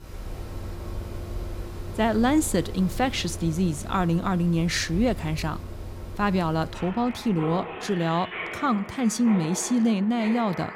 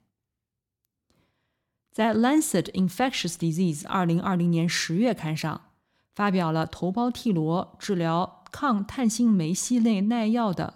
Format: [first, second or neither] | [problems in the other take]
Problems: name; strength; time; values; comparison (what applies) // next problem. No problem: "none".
second | machinery noise; noticeable; throughout; 10 dB below the speech